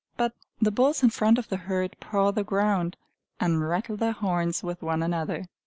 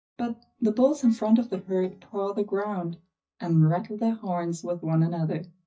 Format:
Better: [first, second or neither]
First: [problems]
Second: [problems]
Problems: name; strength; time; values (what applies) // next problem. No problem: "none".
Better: first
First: none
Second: noise reduction (neural mask model DeepFilterNet 3)